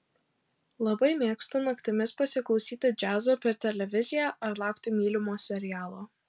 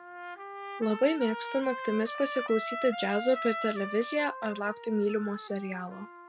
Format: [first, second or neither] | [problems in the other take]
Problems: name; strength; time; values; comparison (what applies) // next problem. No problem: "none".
first | background sound (Trumpet); 9 dB below the speech